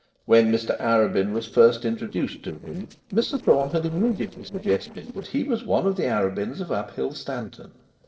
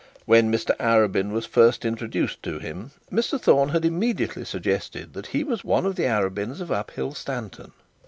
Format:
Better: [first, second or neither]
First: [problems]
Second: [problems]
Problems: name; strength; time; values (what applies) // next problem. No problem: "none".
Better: second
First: noise reduction (neural separator model SepFormer DNS4)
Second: none